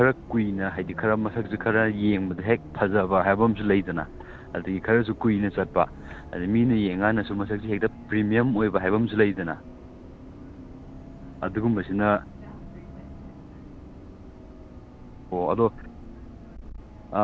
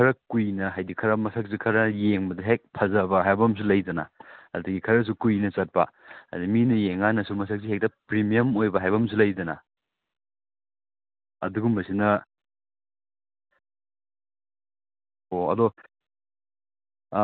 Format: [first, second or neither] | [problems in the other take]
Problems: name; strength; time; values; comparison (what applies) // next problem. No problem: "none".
second | background sound (Bus); 15 dB below the speech